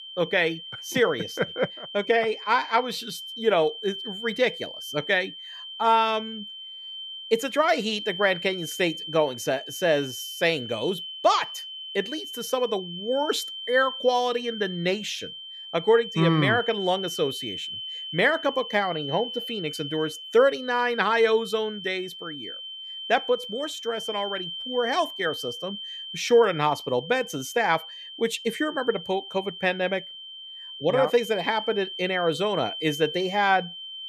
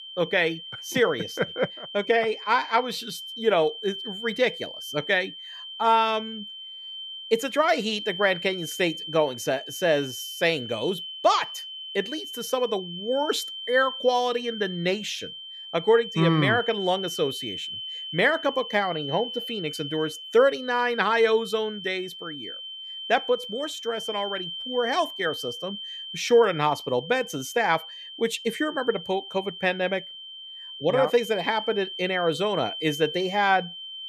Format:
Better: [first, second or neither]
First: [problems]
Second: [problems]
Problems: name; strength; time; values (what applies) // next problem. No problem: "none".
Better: neither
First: high-pitched whine; loud; throughout; 3 kHz, 9 dB below the speech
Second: high-pitched whine; loud; throughout; 3 kHz, 9 dB below the speech